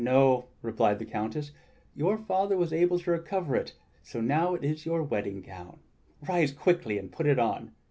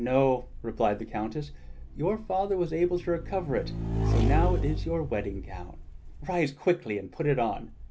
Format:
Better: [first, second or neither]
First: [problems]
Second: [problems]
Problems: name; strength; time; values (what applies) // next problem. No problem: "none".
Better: first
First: none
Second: background sound (Motorcycle / Engine); 3 dB below the speech